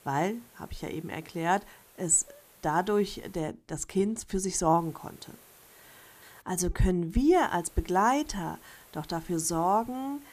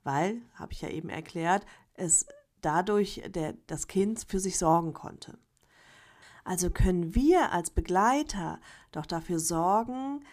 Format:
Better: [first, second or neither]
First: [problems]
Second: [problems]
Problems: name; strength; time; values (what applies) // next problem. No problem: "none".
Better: second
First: hiss; faint; until 3.5 s, from 5 to 6.5 s and from 7.5 s on; 25 dB below the speech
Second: none